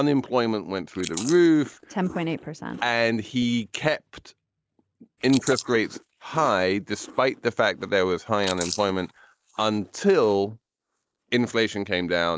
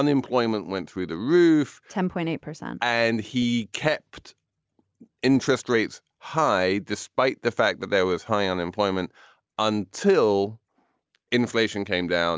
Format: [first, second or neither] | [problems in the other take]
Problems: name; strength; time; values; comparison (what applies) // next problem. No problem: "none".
second | noise reduction (neural mask model Resemble Enhance denoiser)